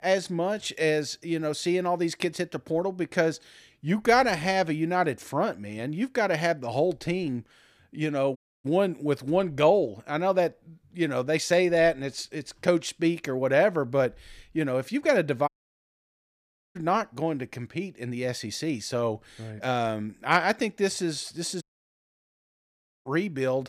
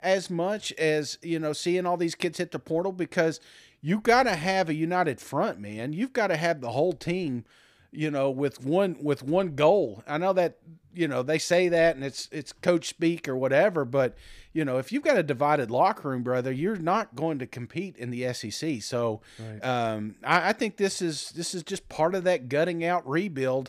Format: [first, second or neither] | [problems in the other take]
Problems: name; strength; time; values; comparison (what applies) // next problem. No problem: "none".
second | audio cutting out; at 8.5 s, at 15 s for 1.5 s and at 22 s for 1.5 s